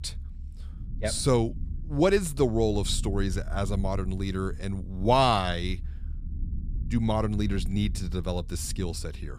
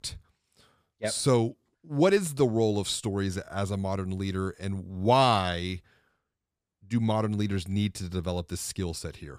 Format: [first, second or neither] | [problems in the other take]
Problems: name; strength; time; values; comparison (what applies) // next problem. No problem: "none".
second | low rumble; faint; throughout; 25 dB below the speech